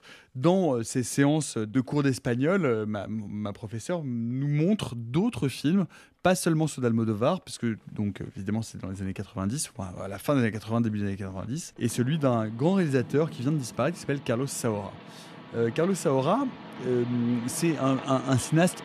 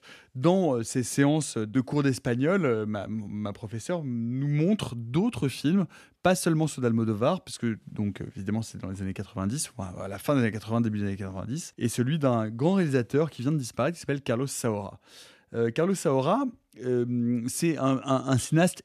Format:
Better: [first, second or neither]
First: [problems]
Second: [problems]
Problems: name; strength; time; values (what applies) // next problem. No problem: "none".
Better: second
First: rain or running water; noticeable; throughout; 15 dB below the speech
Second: none